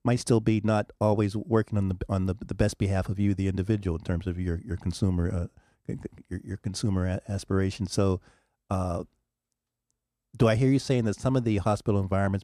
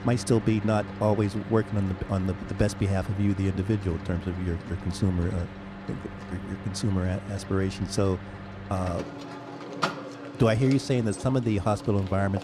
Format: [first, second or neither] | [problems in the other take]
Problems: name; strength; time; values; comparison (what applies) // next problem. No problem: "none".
first | machinery noise; noticeable; throughout; 10 dB below the speech